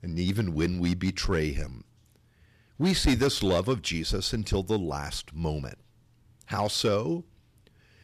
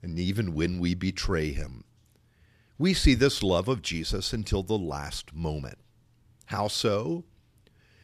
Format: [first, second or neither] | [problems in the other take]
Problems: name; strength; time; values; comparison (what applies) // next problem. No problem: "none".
second | distortion; slight; 3% of the sound clipped